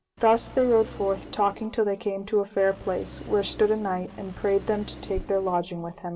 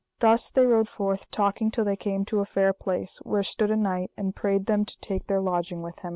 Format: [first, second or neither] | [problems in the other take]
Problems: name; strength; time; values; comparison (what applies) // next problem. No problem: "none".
second | background sound (Engine); 17 dB below the speech // room echo; dies away in 2.1 s